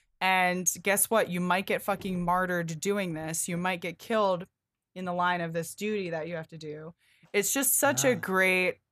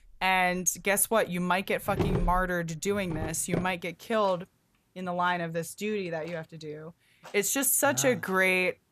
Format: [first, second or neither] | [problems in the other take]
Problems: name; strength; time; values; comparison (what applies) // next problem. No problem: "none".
first | household noises; loud; throughout; 8 dB below the speech; faint in the first